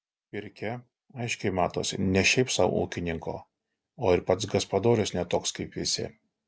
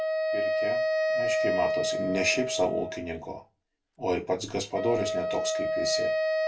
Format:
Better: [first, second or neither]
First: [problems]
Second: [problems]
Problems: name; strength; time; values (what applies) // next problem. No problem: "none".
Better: first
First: none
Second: background sound (Wind instrument, woodwind instrument); 3 dB above the speech // room echo; dies away in 0.2 s